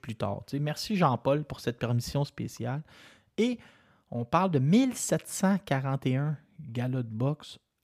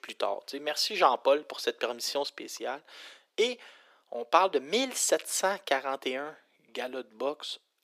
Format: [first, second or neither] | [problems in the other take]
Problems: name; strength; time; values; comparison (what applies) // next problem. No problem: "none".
first | thin; very; fading below 350 Hz